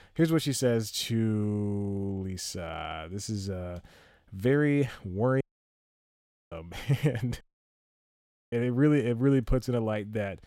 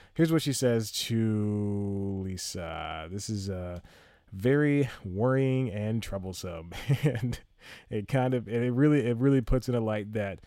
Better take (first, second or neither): second